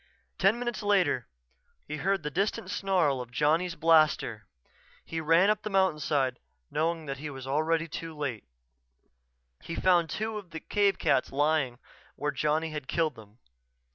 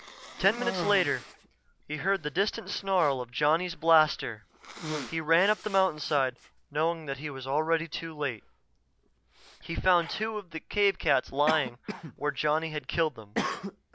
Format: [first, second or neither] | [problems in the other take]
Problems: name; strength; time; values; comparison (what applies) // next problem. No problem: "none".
first | background sound (Cough); 12 dB below the speech